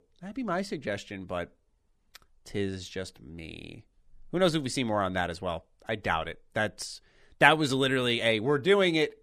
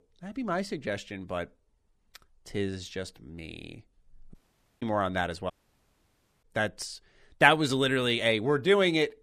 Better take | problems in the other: first | audio cutting out; at 4.5 s and at 5.5 s for 1 s

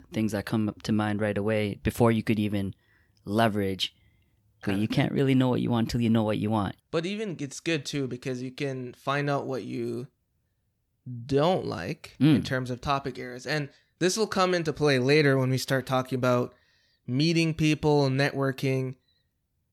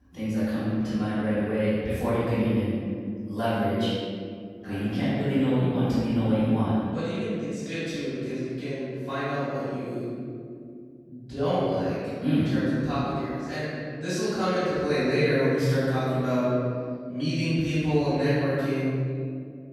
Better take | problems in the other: first | room echo; strong; dies away in 2.3 s // off-mic speech; far

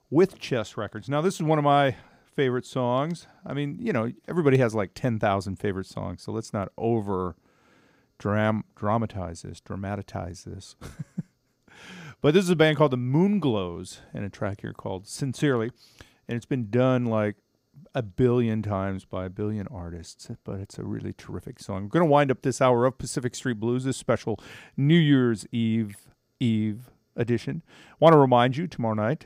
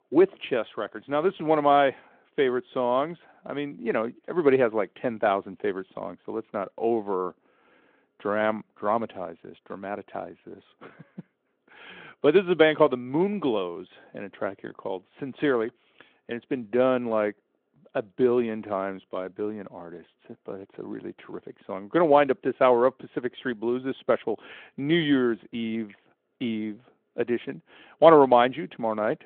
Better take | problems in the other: first | phone-call audio

